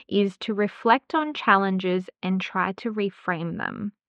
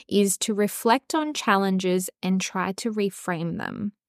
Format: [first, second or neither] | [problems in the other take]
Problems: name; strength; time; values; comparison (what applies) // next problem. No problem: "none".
second | muffled; very; fading above 3.5 kHz